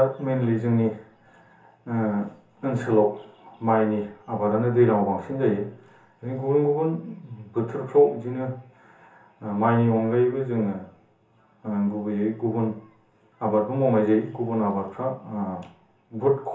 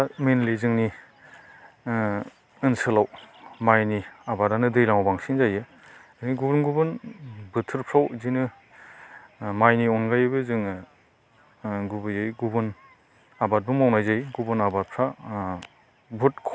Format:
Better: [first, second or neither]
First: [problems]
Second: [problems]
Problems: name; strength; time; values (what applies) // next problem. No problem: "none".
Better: second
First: room echo; dies away in 0.6 s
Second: none